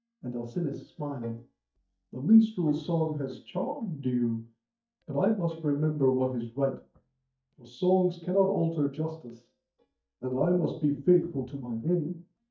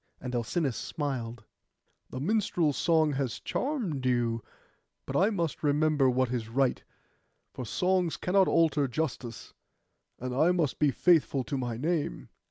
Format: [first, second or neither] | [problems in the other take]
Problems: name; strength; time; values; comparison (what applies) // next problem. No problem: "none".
second | noise reduction (neural mask model DeepFilterNet 3)